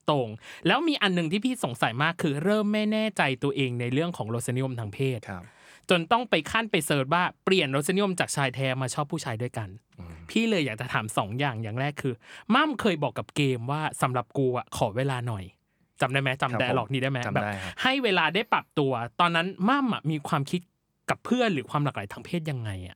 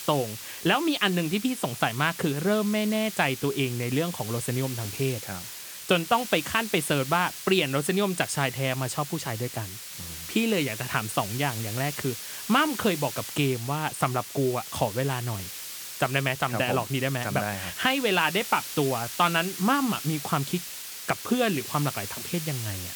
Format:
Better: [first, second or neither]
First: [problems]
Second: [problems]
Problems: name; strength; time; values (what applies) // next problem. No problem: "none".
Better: first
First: none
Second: hiss; loud; throughout; 9 dB below the speech